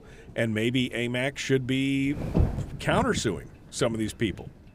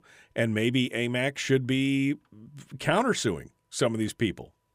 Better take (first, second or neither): second